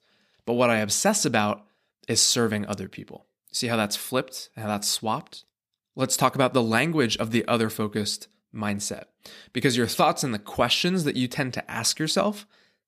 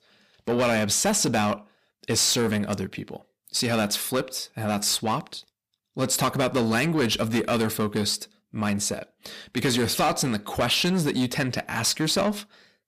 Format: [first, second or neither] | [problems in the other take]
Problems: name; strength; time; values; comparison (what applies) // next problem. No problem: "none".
first | distortion; heavy; 8 dB below the speech